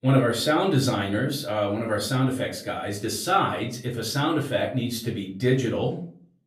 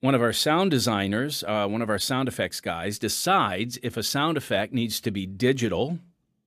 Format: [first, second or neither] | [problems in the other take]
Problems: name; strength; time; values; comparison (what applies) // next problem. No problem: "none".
second | off-mic speech; far // room echo; slight; dies away in 0.4 s